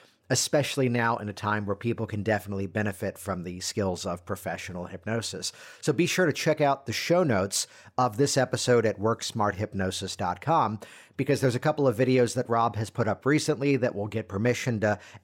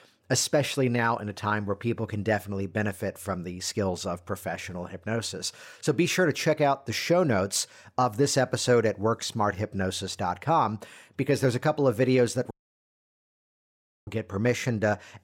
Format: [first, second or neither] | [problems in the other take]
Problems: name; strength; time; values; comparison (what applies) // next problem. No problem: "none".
first | audio cutting out; at 13 s for 1.5 s